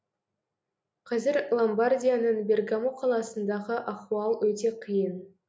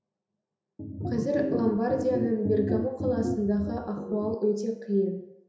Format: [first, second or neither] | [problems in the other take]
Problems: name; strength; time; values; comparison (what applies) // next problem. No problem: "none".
first | background sound (Organ); 3 dB below the speech // room echo; dies away in 0.7 s